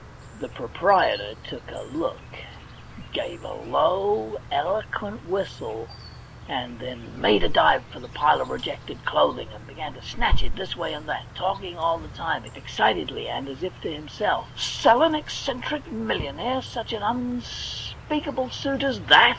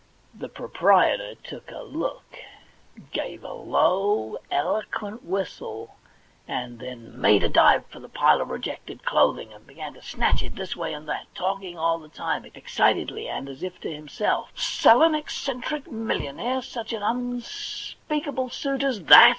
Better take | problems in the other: second | background sound (Insect); 17 dB below the speech

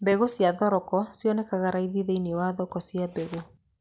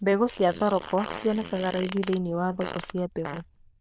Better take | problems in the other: first | noise reduction (neural diffusion model UNIVERSE++)

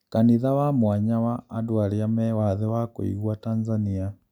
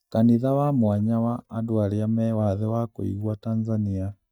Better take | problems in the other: first | noise reduction (neural mask model DeepFilterNet 3)

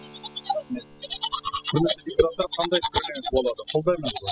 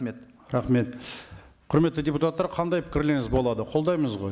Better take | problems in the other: second | noise reduction (classical method spectral subtraction)

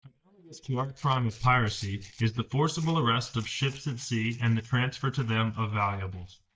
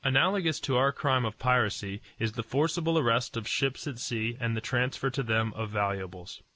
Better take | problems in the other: second | noise reduction (neural mask model DeepFilterNet 3)

